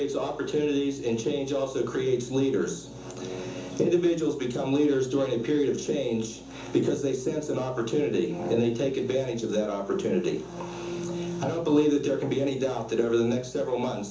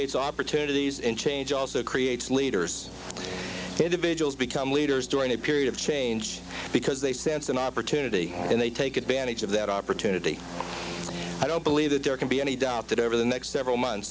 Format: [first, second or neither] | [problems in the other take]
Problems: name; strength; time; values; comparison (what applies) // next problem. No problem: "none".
second | room echo; dies away in 0.7 s